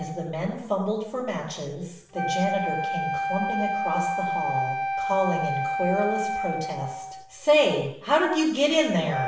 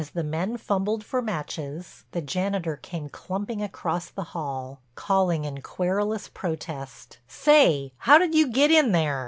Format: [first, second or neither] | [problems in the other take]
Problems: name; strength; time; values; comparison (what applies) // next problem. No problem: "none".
second | background sound (Wind instrument, woodwind instrument); 4 dB below the speech // room echo; dies away in 0.7 s